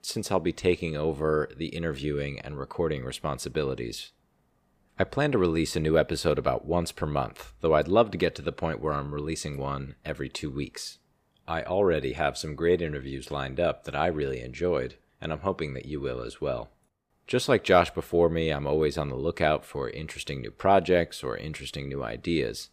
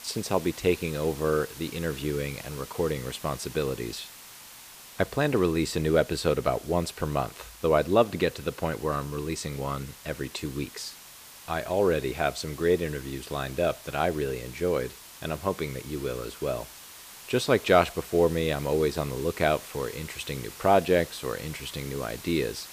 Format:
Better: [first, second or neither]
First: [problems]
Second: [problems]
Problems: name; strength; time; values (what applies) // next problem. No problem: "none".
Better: first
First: none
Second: hiss; noticeable; throughout; 15 dB below the speech